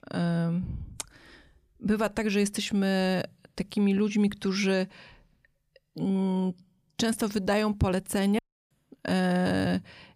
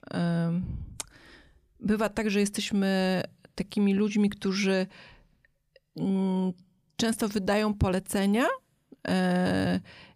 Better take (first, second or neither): second